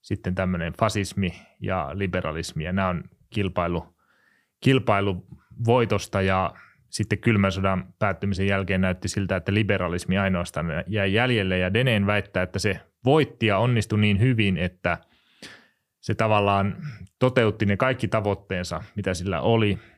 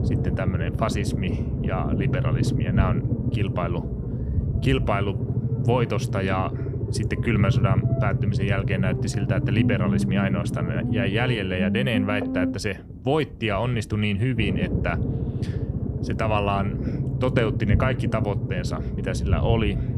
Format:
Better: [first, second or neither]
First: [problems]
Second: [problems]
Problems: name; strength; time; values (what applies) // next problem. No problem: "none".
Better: first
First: none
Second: low rumble; loud; throughout; 6 dB below the speech